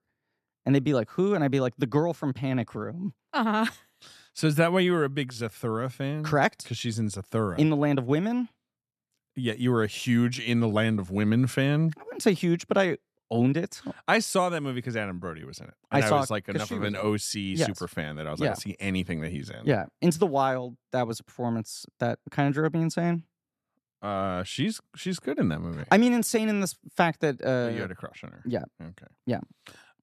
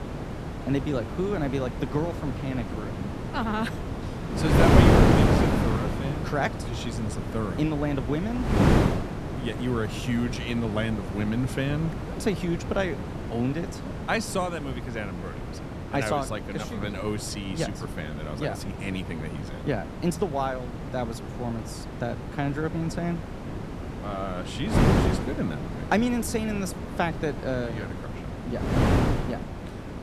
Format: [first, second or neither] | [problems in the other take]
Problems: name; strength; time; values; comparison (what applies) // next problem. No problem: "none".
first | wind noise on the microphone; heavy; 1 dB below the speech